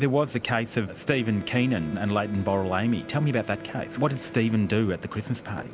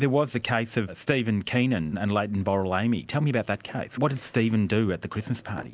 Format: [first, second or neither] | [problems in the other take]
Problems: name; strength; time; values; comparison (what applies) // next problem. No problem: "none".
second | background sound (Microwave oven + Wind instrument, woodwind instrument); 15 dB below the speech